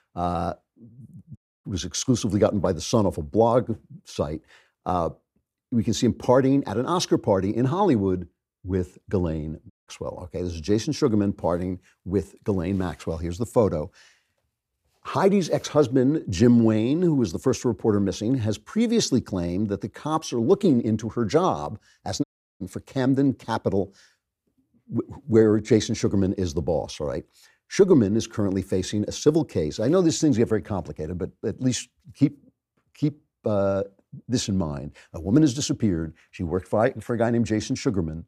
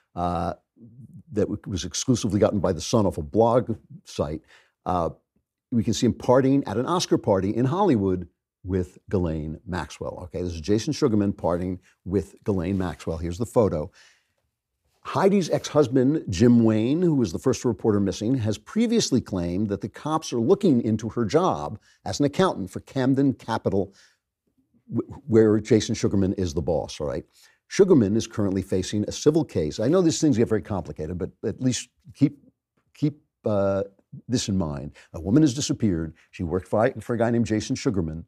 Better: second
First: audio cutting out; at 1.5 s, at 9.5 s and at 22 s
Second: none

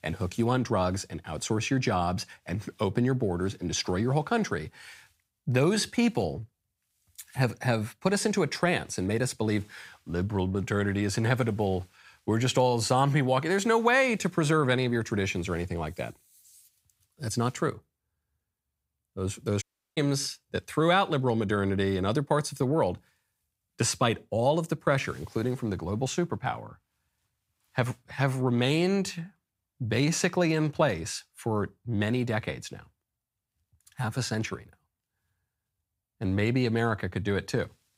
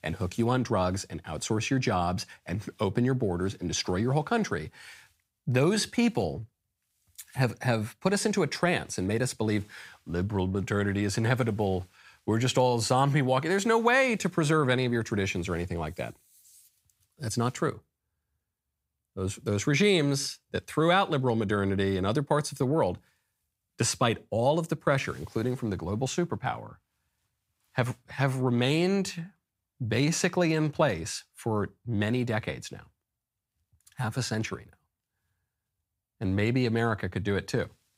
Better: second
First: audio cutting out; at 20 s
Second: none

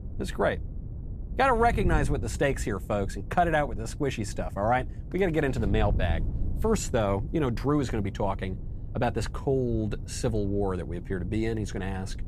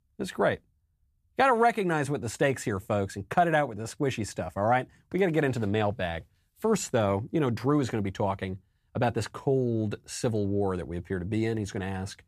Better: second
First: wind noise on the microphone; occasional gusts; 20 dB below the speech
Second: none

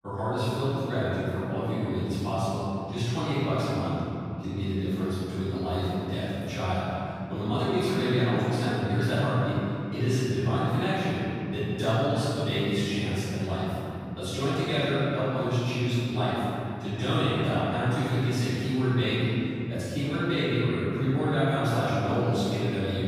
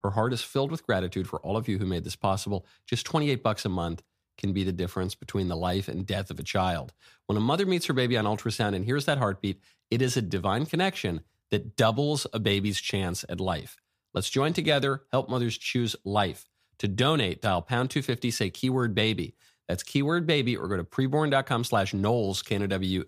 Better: second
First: room echo; strong; dies away in 3 s // off-mic speech; far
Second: none

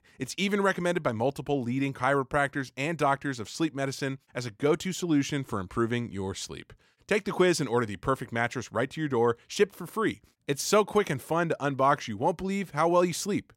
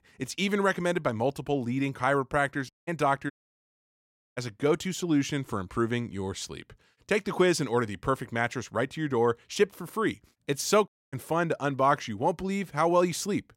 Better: first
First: none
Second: audio cutting out; at 2.5 s, at 3.5 s for 1 s and at 11 s

